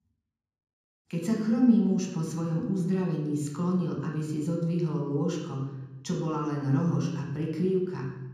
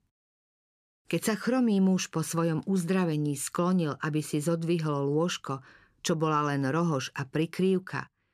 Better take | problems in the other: second | room echo; noticeable; dies away in 1.4 s // off-mic speech; far

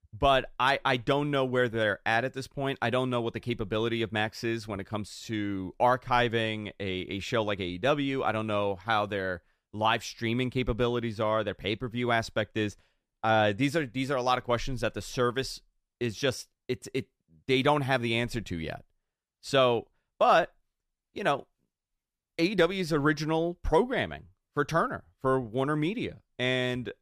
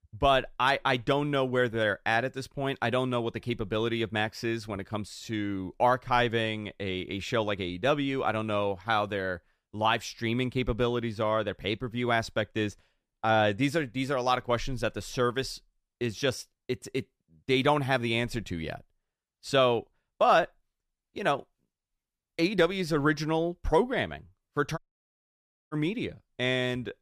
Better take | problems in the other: first | audio cutting out; at 25 s for 1 s

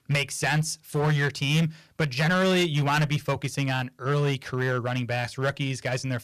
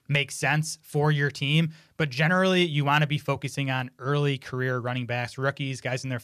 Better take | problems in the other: second | distortion; slight; 10% of the sound clipped

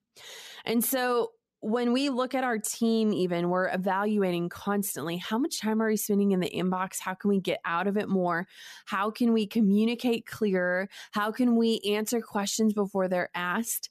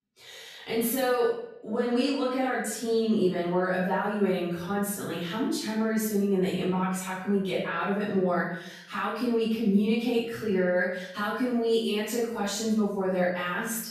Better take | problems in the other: first | off-mic speech; far // room echo; noticeable; dies away in 0.7 s

